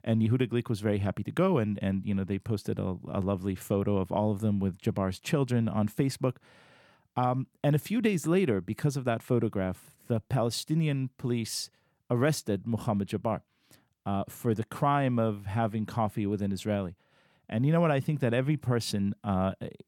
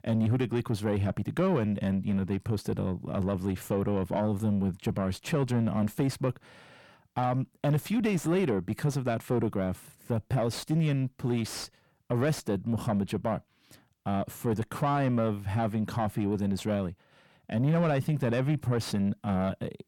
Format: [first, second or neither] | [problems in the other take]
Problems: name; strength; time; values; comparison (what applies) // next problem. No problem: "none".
first | distortion; slight; 10 dB below the speech